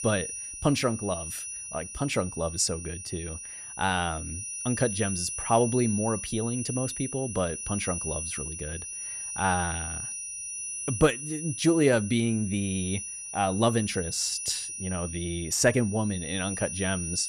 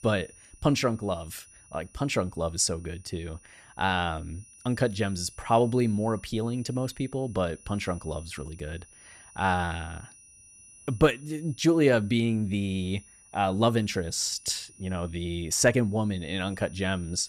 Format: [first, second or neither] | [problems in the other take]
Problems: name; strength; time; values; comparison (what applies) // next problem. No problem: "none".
second | high-pitched whine; loud; throughout; 9.5 kHz, 6 dB below the speech; faint in the second